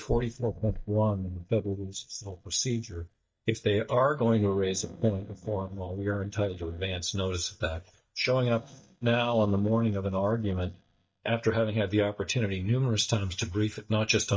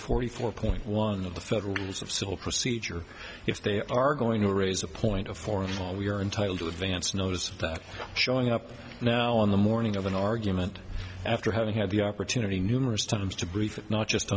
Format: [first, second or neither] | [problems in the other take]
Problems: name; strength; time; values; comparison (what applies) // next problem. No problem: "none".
second | noise reduction (neural mask model DeepFilterNet 3)